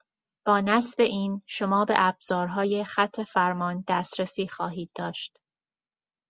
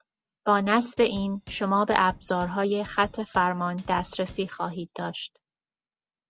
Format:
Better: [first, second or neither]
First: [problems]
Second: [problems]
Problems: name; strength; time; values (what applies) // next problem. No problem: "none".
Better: first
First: none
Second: background sound (Drum / Drum kit); 20 dB below the speech